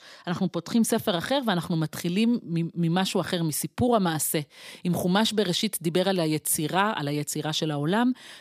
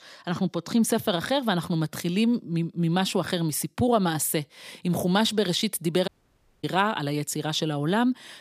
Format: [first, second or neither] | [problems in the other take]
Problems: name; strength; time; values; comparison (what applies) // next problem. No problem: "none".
first | audio cutting out; at 6 s for 0.5 s